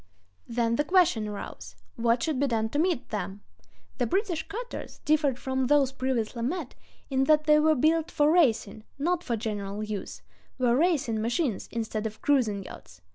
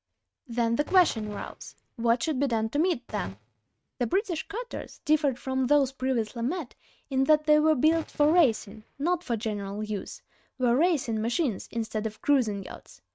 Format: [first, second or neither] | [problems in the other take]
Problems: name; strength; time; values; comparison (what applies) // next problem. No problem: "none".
first | noise reduction (neural mask model RNNoise)